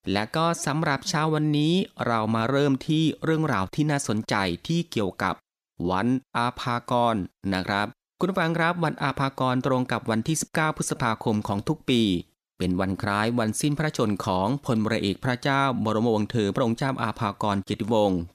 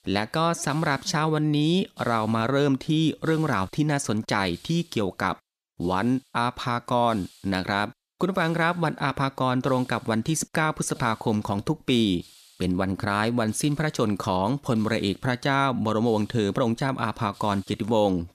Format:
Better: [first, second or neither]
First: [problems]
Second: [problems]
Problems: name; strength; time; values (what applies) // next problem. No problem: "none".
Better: first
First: none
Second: hiss; faint; throughout; 25 dB below the speech